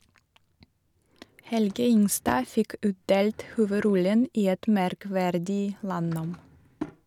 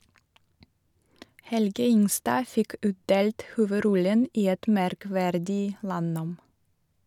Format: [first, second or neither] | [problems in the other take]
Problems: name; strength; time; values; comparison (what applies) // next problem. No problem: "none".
second | background sound (Drawer open or close / Wood); 20 dB below the speech